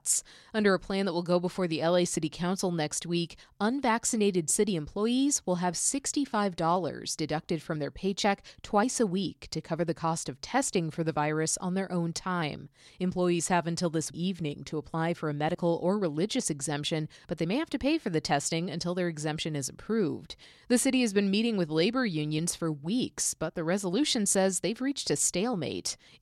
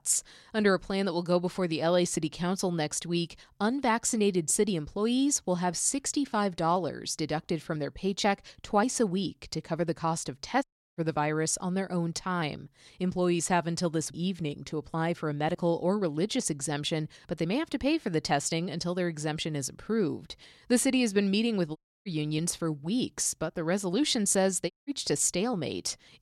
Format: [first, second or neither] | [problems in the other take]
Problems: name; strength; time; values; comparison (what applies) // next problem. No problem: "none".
first | audio cutting out; at 11 s, at 22 s and at 25 s